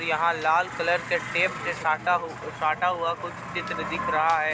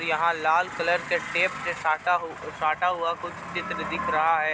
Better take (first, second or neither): second